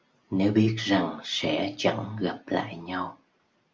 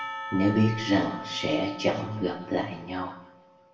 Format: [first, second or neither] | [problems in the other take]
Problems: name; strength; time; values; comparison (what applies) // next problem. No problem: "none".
first | background sound (Percussion); 12 dB below the speech // room echo; dies away in 0.9 s